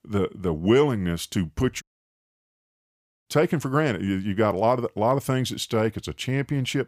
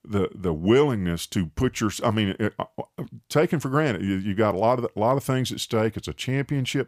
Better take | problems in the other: second | audio cutting out; at 2 s for 1.5 s

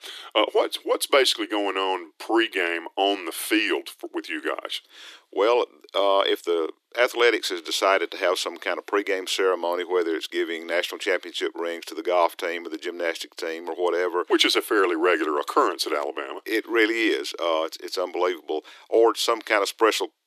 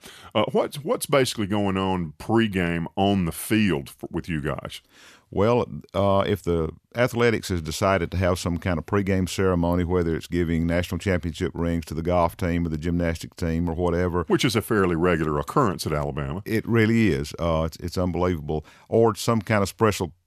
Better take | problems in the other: second | thin; very; fading below 300 Hz

